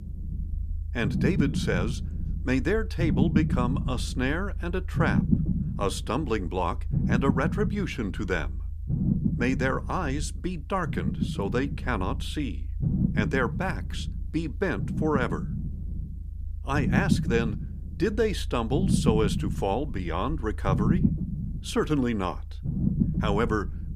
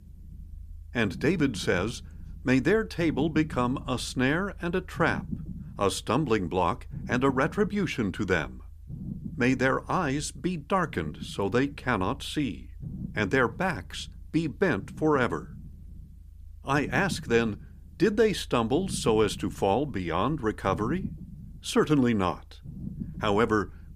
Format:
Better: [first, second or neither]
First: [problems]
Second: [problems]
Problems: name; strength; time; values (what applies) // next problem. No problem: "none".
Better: second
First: low rumble; loud; throughout; 7 dB below the speech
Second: low rumble; faint; throughout; 20 dB below the speech